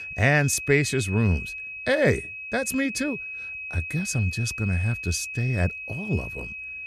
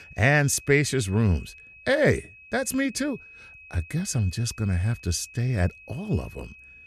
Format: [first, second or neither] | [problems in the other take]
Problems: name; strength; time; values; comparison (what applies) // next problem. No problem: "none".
second | high-pitched whine; loud; throughout; 2.5 kHz, 8 dB below the speech; faint in the second